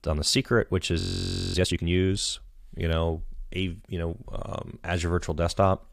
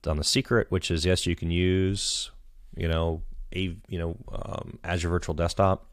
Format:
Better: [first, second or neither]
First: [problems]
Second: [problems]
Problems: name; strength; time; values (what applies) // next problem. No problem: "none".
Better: second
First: audio freezing; at 1 s for 0.5 s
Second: none